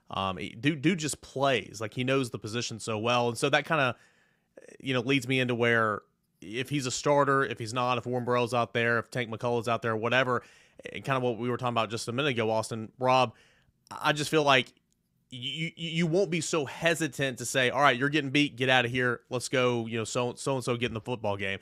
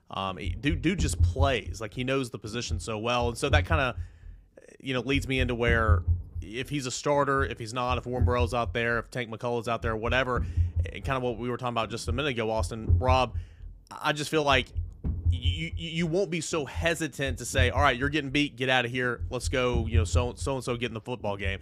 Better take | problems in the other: first | low rumble; faint; throughout; 20 dB below the speech

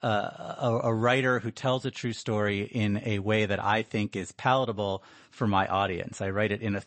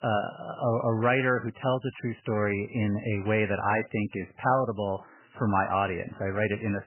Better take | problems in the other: first | garbled, watery; badly; nothing above 3 kHz; slightly in the first

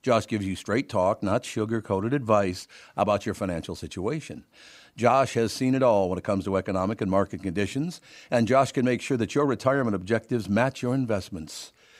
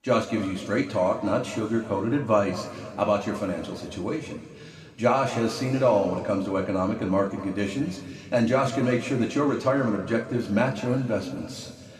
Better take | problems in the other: first | room echo; noticeable; dies away in 2.1 s // off-mic speech; somewhat distant

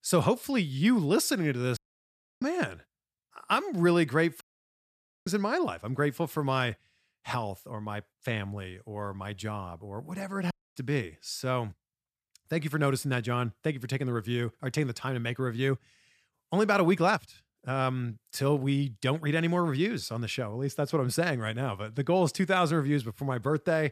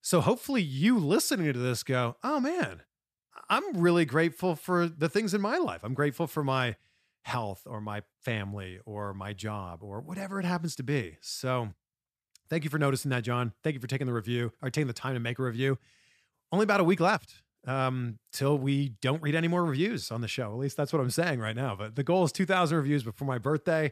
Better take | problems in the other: second | audio cutting out; at 2 s for 0.5 s, at 4.5 s for 1 s and at 11 s

